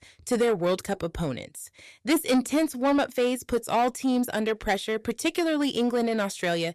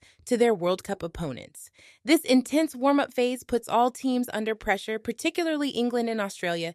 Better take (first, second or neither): second